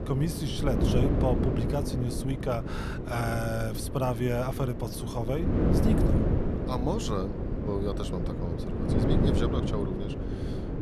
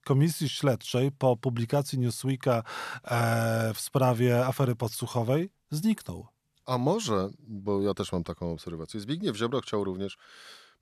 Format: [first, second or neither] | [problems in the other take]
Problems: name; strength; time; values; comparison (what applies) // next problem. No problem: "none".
second | wind noise on the microphone; heavy; 1 dB below the speech